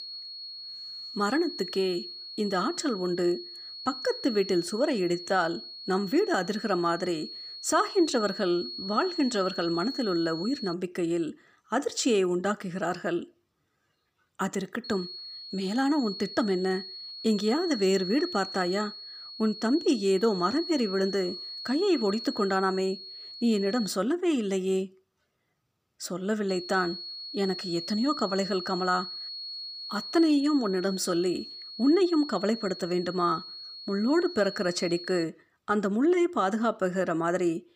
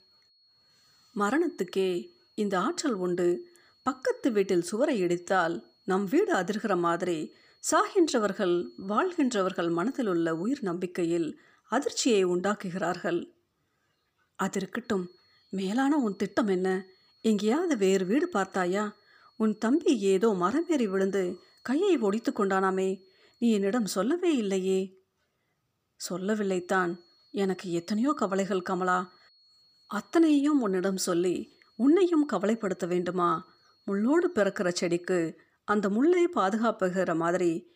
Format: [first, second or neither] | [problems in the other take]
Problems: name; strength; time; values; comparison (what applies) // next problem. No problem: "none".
second | high-pitched whine; loud; until 11 s, from 15 to 24 s and from 26 to 35 s; 4.5 kHz, 10 dB below the speech; faint in the second